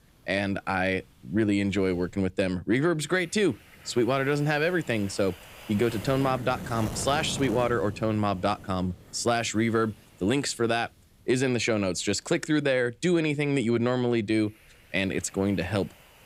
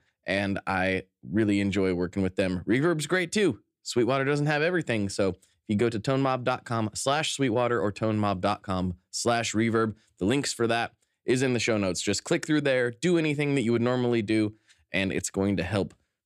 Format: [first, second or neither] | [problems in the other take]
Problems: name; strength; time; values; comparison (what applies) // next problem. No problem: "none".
second | wind noise on the microphone; occasional gusts; 15 dB below the speech